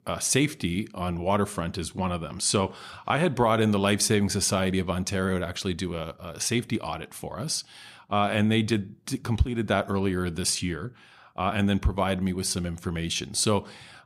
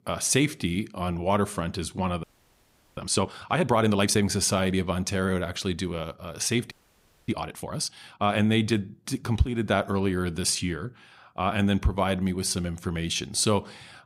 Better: first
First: none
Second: audio freezing; at 2 s for 0.5 s and at 6.5 s for 0.5 s

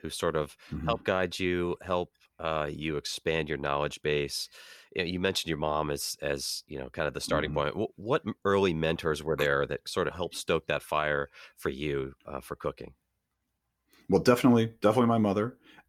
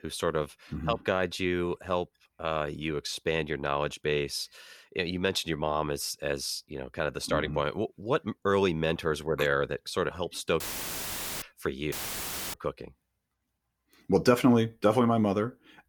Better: first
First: none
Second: audio cutting out; filled with static; at 11 s for 1 s and at 12 s for 0.5 s

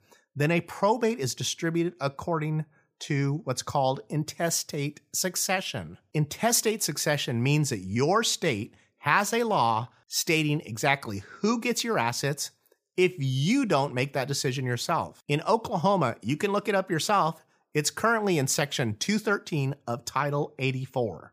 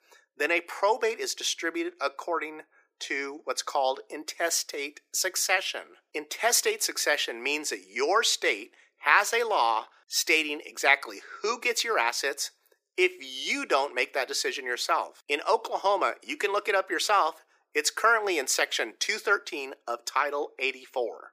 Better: first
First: none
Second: thin; very; fading below 350 Hz

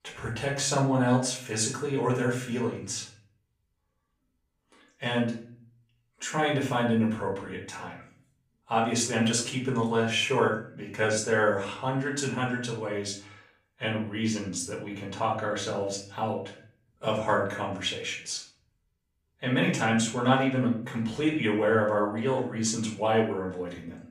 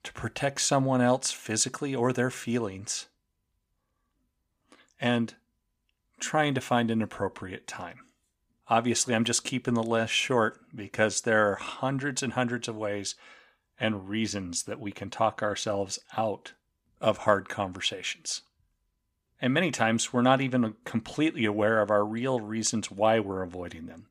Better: second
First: off-mic speech; far // room echo; slight; dies away in 0.4 s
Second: none

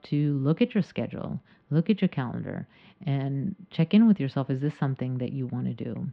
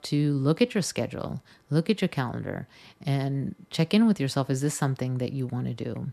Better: second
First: muffled; slightly; fading above 3 kHz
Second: none

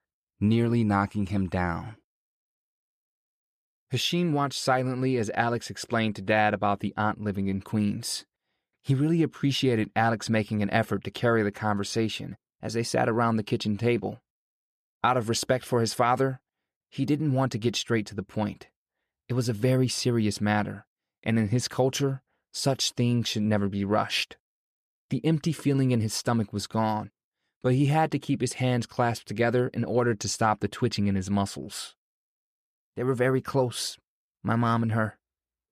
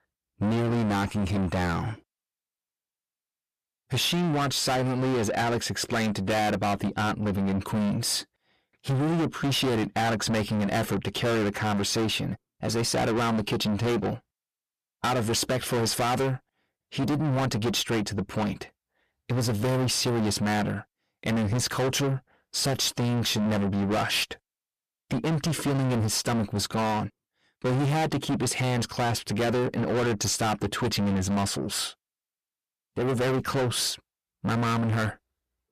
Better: first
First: none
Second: distortion; heavy; 5 dB below the speech

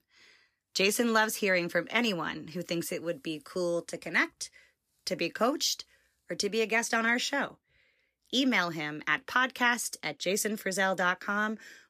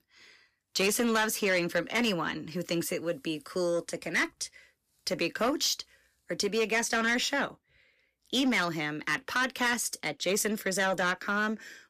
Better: first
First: none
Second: distortion; slight; 10 dB below the speech

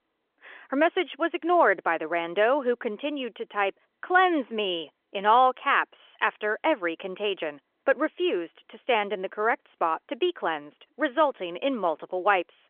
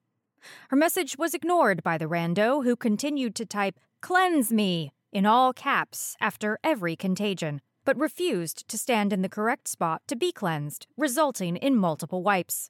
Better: second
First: phone-call audio; nothing above 3.5 kHz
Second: none

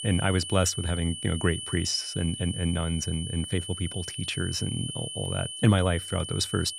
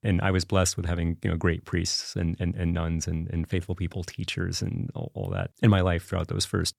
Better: second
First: high-pitched whine; loud; throughout; 3 kHz, 7 dB below the speech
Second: none

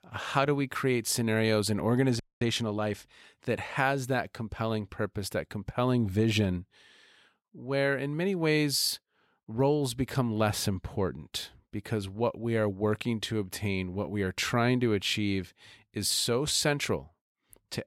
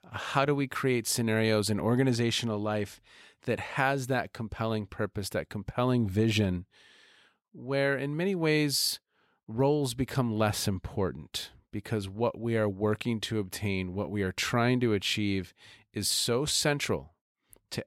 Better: second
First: audio freezing; at 2 s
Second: none

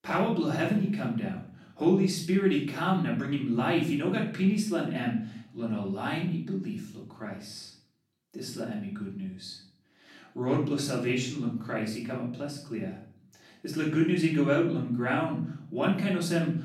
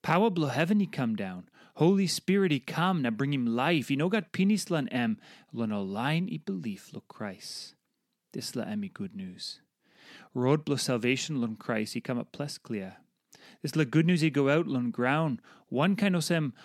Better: second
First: off-mic speech; far // room echo; noticeable; dies away in 0.5 s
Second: none

